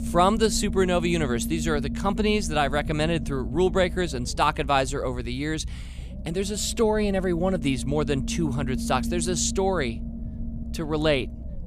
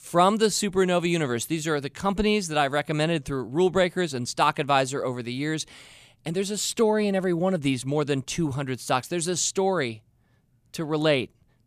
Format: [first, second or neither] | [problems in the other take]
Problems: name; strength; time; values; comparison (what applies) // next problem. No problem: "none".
second | low rumble; noticeable; throughout; 15 dB below the speech